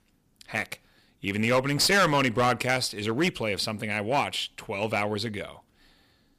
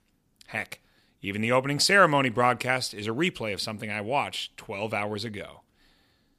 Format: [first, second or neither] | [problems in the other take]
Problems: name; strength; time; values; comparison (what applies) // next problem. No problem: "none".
second | distortion; heavy; 5% of the sound clipped